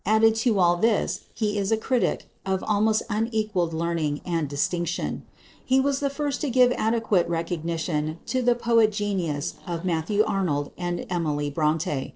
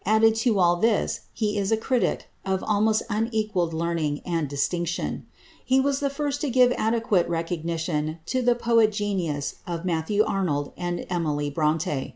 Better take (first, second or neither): second